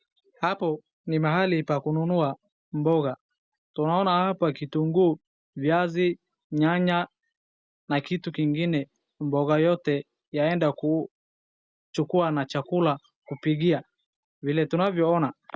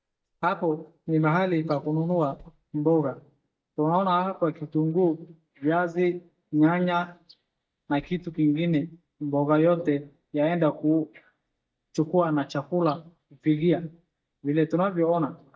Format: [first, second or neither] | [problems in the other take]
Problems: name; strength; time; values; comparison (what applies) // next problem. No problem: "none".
first | noise reduction (neural mask model DeepFilterNet 3)